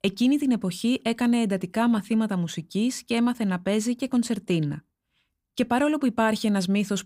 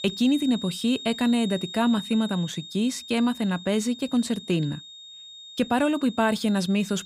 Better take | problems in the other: first | high-pitched whine; noticeable; throughout; 3.5 kHz, 15 dB below the speech

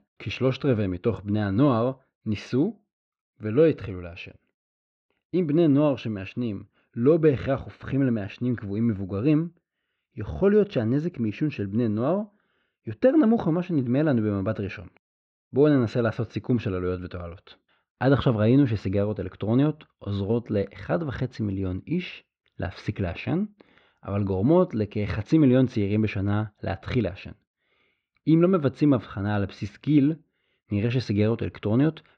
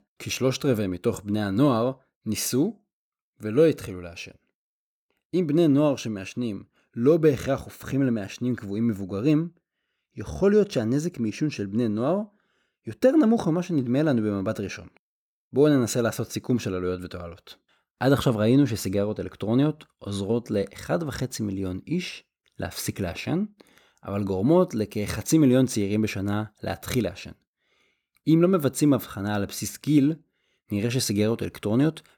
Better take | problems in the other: second | muffled; slightly; fading above 3.5 kHz

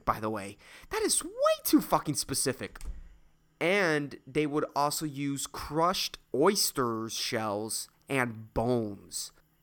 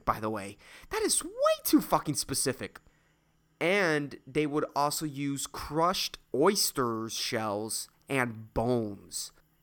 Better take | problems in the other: second | door banging; faint; at 2.5 s; peak 20 dB below the speech

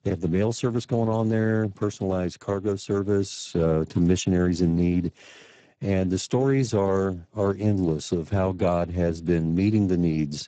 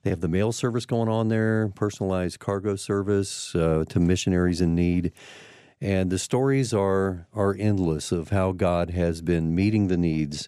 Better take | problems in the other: second | garbled, watery; badly; nothing above 7.5 kHz

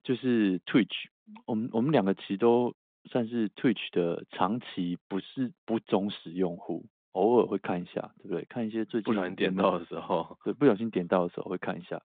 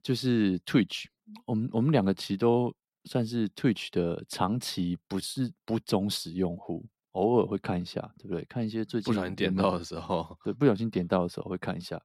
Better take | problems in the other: second | phone-call audio; nothing above 3.5 kHz

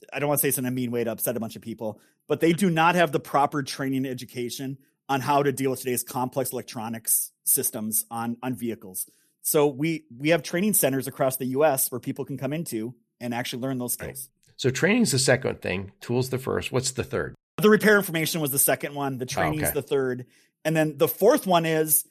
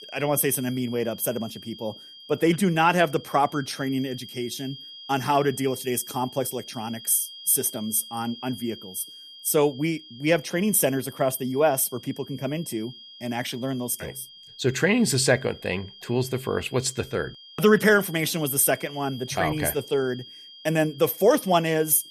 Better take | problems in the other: first | high-pitched whine; noticeable; throughout; 3 kHz, 20 dB below the speech

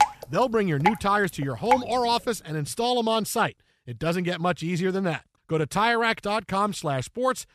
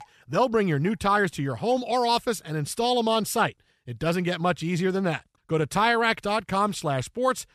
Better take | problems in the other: second | rain or running water; loud; until 2.5 s; 1 dB below the speech; faint in the second

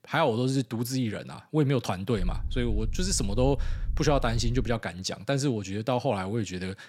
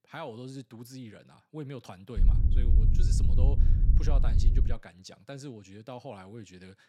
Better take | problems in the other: first | low rumble; loud; from 2 to 4.5 s; 1 dB below the speech; faint in the first

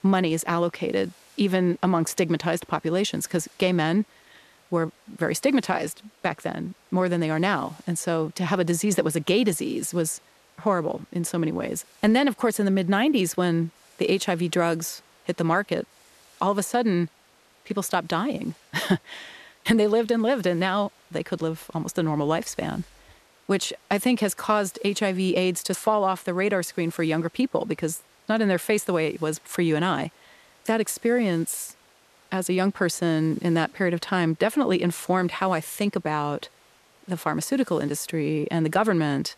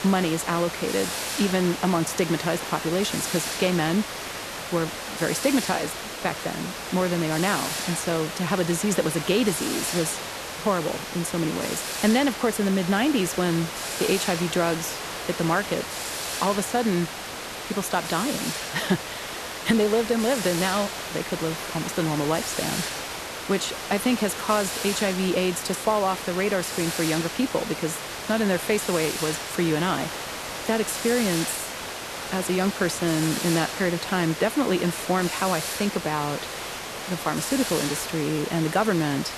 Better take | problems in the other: first | hiss; loud; throughout; 5 dB below the speech; faint in the first

